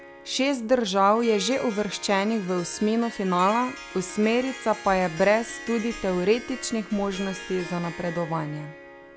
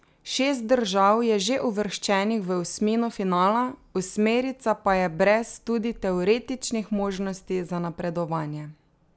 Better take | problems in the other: second | background sound (Harp); 14 dB below the speech

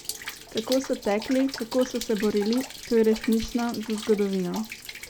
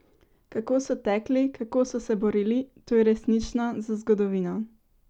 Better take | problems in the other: second | background sound (Rain); 13 dB below the speech

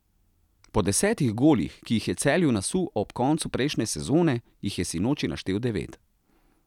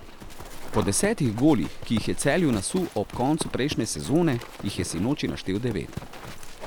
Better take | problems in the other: first | background sound (Livestock, farm animals, working animals); 10 dB below the speech

